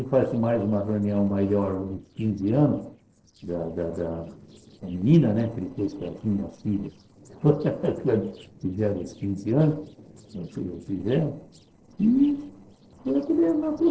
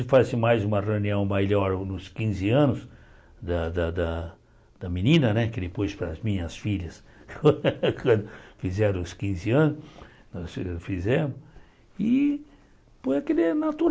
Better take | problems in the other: second | noise reduction (neural separator model SepFormer DNS4)

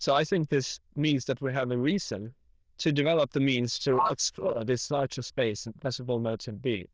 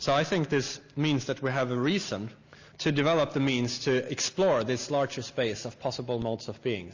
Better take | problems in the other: second | noise reduction (neural diffusion model UNIVERSE++)

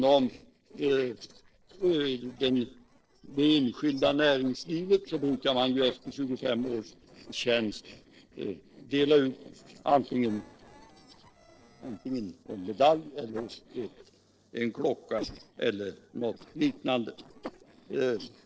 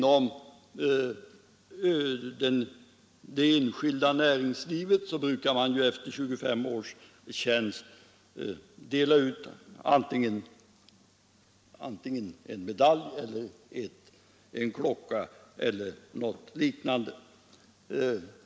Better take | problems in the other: second | noise reduction (neural separator model SepFormer DNS4)

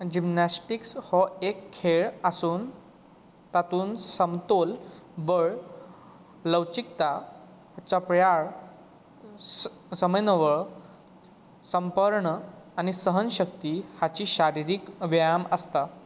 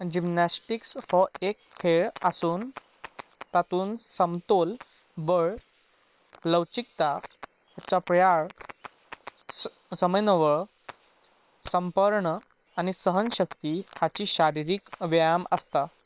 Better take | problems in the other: first | noise reduction (neural separator model SepFormer WHAM!)

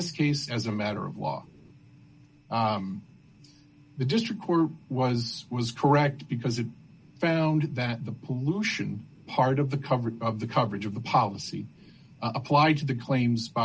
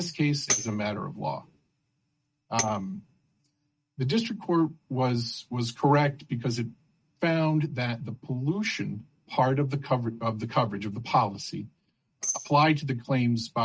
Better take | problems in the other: first | noise reduction (neural mask model RNNoise)

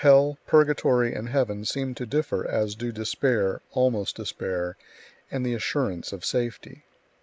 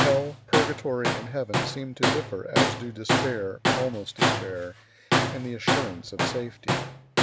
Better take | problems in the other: first | background sound (Tools); 4 dB above the speech

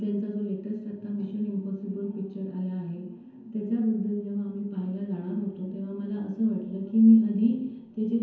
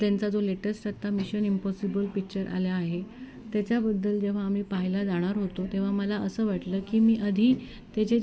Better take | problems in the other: second | room echo; dies away in 0.9 s

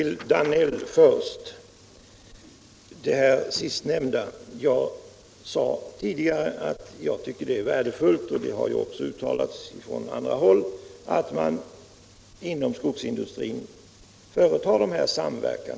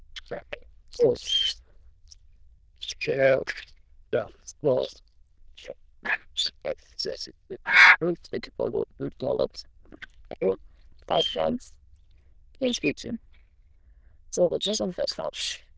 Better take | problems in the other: first | noise reduction (neural diffusion model UNIVERSE++)

